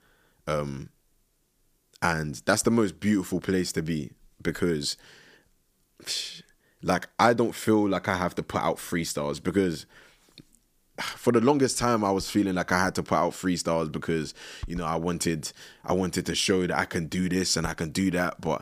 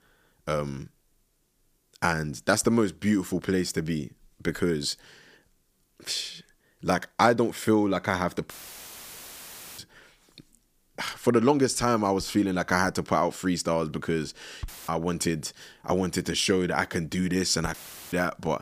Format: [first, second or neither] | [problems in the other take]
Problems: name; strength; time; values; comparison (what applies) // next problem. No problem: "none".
first | audio cutting out; filled with static; at 8.5 s for 1.5 s, at 15 s and at 18 s